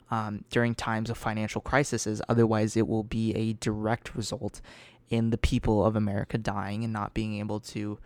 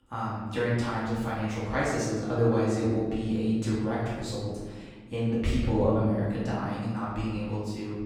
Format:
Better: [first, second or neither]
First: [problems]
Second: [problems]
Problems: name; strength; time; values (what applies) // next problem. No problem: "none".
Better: first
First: none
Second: room echo; strong; dies away in 1.3 s // off-mic speech; far